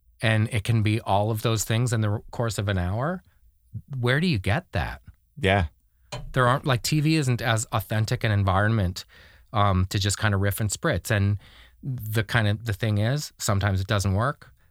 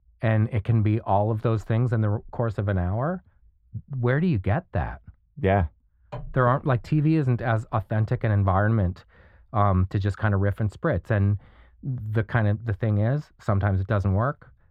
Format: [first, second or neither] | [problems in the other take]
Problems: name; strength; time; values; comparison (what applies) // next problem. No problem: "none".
first | muffled; very; fading above 3 kHz